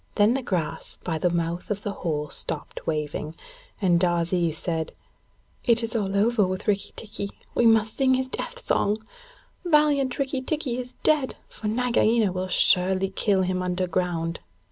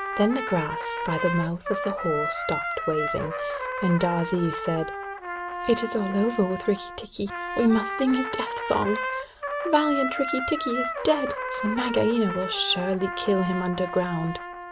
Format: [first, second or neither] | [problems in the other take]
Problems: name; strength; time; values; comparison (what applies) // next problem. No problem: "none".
first | background sound (Trumpet); 5 dB below the speech